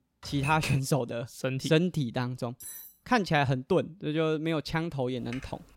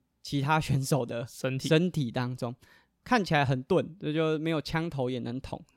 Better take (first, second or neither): second